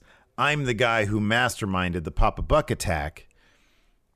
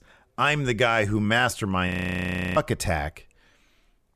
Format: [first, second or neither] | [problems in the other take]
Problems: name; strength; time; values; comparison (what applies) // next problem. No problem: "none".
first | audio freezing; at 2 s for 0.5 s